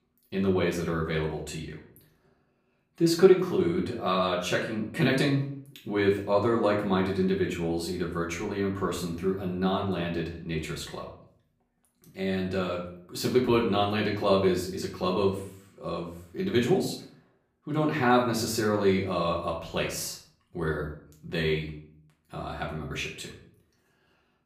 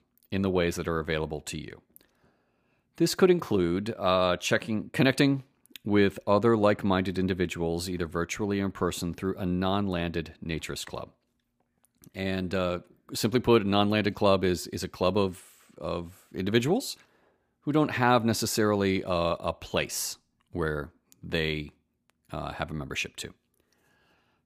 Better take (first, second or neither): second